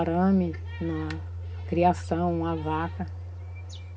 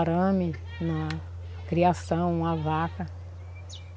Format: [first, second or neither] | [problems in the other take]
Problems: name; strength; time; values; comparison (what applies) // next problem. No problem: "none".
second | room echo; dies away in 0.3 s